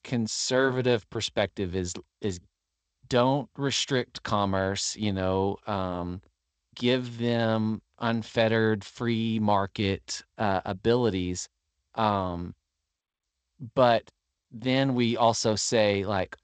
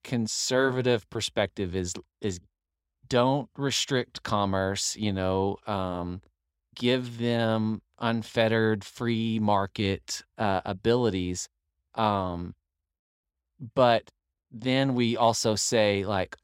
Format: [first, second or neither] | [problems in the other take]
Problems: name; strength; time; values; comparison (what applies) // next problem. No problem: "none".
second | garbled, watery; slightly; nothing above 7.5 kHz